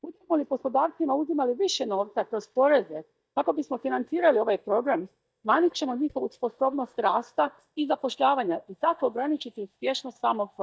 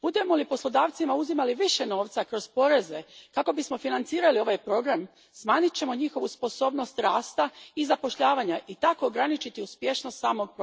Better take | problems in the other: second | noise reduction (neural mask model DeepFilterNet 3)

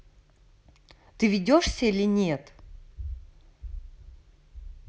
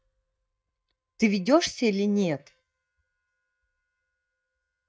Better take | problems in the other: first | noise reduction (neural mask model DeepFilterNet 3)

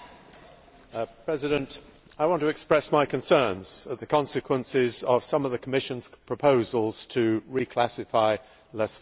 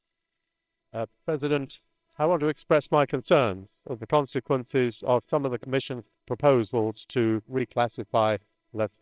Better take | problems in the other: first | noise reduction (neural separator model SepFormer WHAMR!)

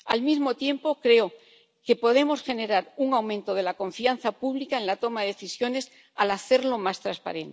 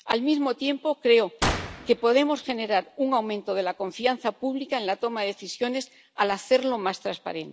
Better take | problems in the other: first | background sound (Gunshot, gunfire); 9 dB below the speech

